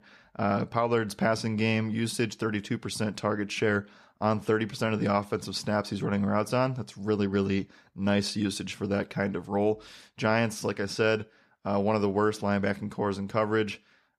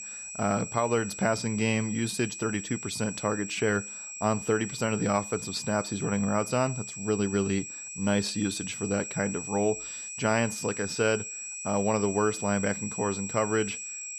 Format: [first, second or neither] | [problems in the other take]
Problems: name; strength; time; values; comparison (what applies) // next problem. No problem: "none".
first | high-pitched whine; loud; throughout; 7.5 kHz, 7 dB below the speech